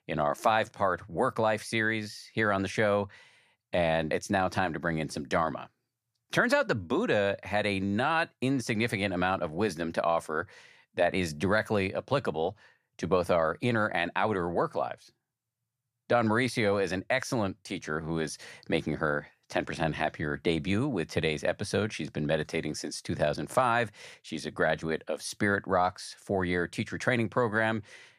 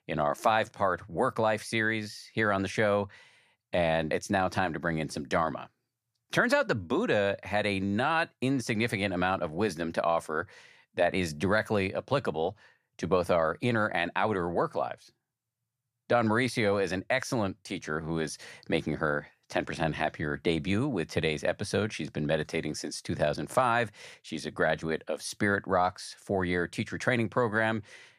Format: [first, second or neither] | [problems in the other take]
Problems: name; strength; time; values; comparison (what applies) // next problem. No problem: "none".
neither | none